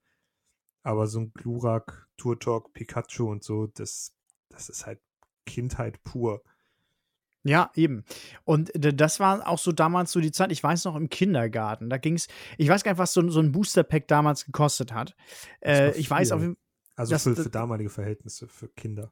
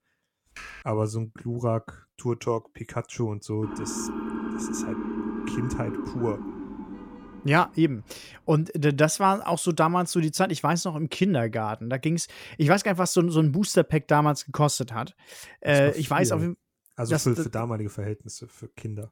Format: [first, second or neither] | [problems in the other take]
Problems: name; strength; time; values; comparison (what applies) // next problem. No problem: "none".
first | keyboard typing; faint; at 0.5 s; peak 15 dB below the speech // siren; noticeable; from 3.5 to 7.5 s; peak 6 dB below the speech